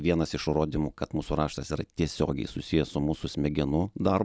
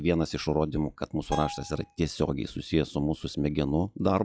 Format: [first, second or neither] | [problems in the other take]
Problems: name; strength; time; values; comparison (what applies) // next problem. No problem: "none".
first | noise reduction (classical method log-MMSE)